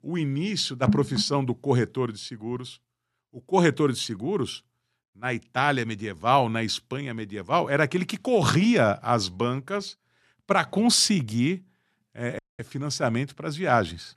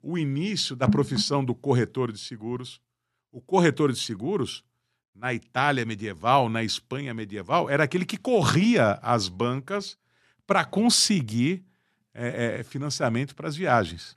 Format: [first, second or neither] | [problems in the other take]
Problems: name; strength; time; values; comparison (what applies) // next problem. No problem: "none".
second | audio cutting out; at 12 s